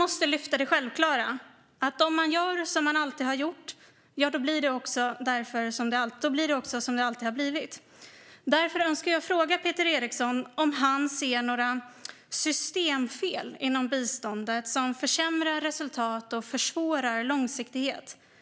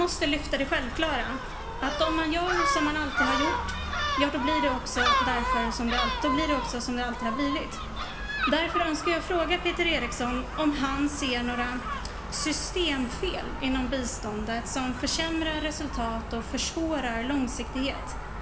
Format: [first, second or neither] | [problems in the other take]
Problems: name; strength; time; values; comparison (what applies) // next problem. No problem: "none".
first | background sound (Gull, seagull); 2 dB below the speech // room echo; dies away in 2.8 s